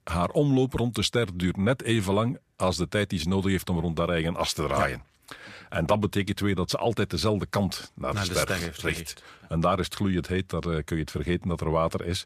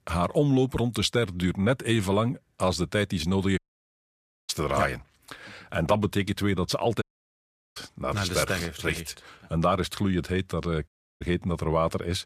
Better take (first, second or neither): first